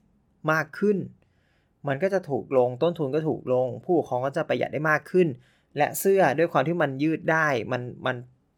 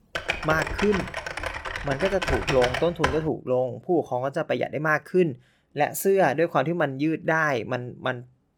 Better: first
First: none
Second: keyboard typing; noticeable; until 3 s; peak 2 dB below the speech

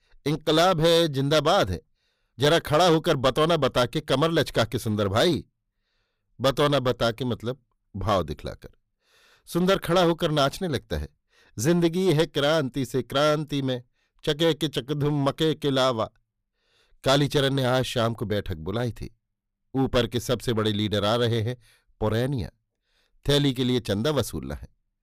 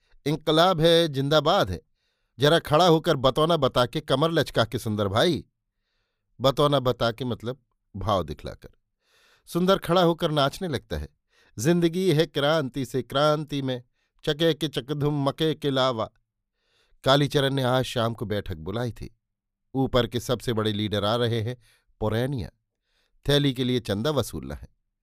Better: second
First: distortion; slight; 5% of the sound clipped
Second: none

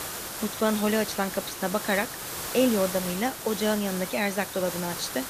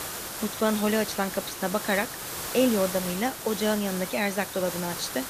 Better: neither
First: hiss; loud; throughout; 6 dB below the speech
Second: hiss; loud; throughout; 6 dB below the speech

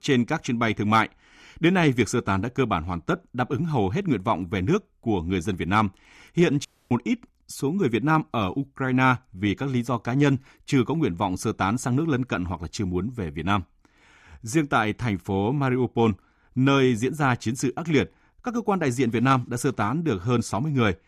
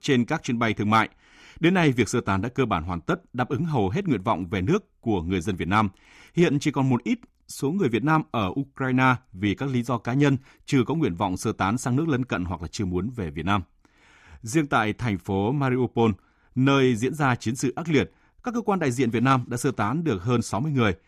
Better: second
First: audio cutting out; at 6.5 s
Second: none

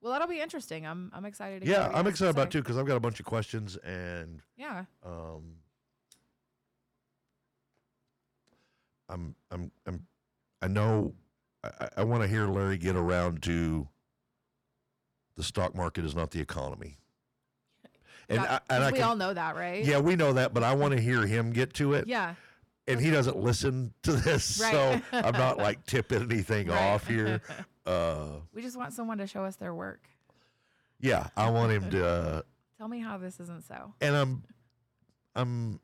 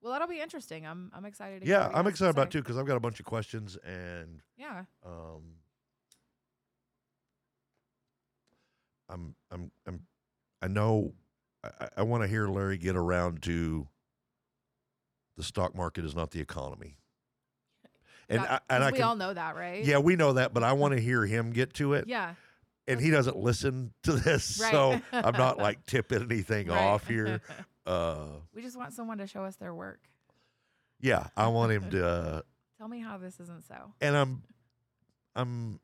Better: second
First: distortion; slight; 10 dB below the speech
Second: none

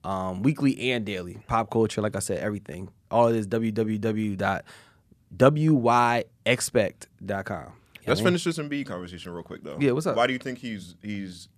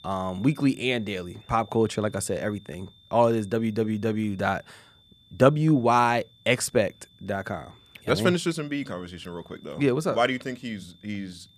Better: first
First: none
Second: high-pitched whine; faint; throughout; 3.5 kHz, 30 dB below the speech

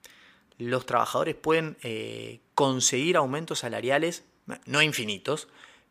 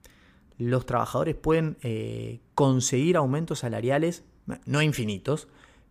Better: second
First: thin; somewhat; fading below 1 kHz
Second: none

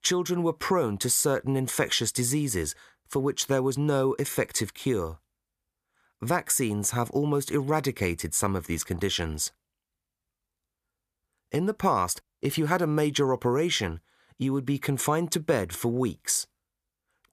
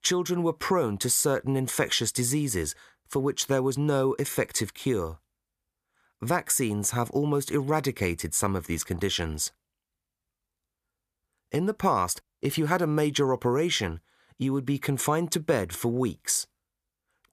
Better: neither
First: none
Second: none

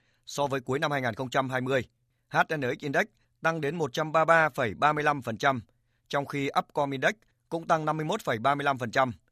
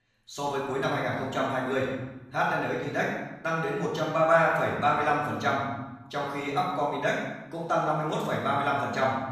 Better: first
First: none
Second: off-mic speech; far // room echo; noticeable; dies away in 0.9 s

